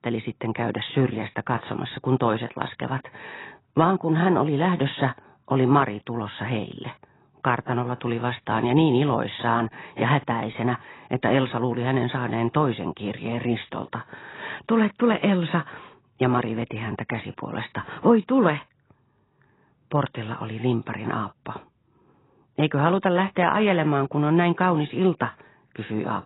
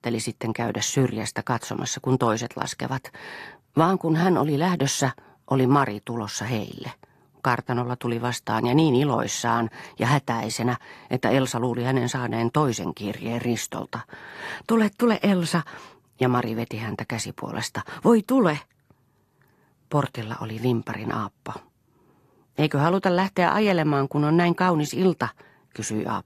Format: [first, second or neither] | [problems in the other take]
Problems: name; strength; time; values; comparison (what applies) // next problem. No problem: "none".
second | garbled, watery; badly; nothing above 4 kHz; slightly in the second